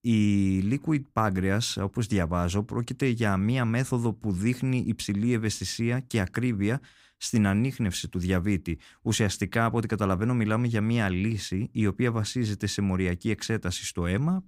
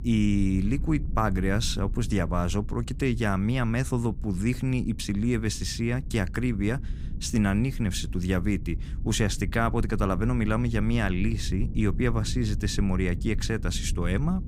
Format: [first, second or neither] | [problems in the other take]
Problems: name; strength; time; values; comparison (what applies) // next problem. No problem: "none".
first | low rumble; noticeable; throughout; 20 dB below the speech